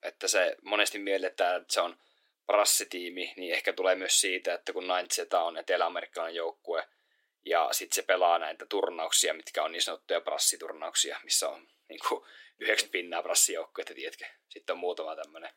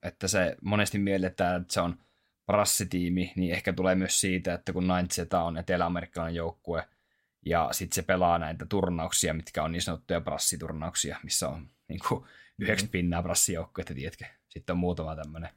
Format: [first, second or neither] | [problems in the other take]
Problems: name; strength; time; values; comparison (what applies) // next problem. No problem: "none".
second | thin; very; fading below 300 Hz